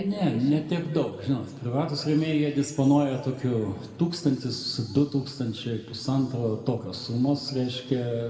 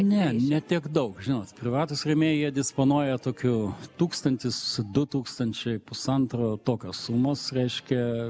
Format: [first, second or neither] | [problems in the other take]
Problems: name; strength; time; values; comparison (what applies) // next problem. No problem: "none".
second | room echo; dies away in 1.7 s